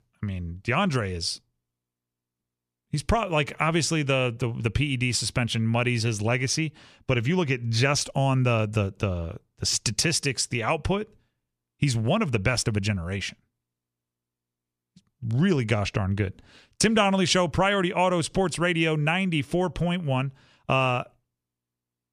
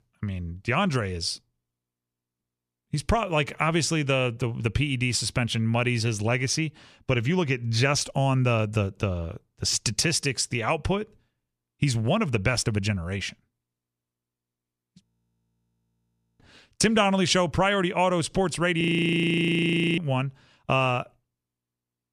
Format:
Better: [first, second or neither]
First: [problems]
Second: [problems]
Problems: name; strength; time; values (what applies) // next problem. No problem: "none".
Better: first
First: none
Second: audio freezing; at 15 s for 1.5 s and at 19 s for 1 s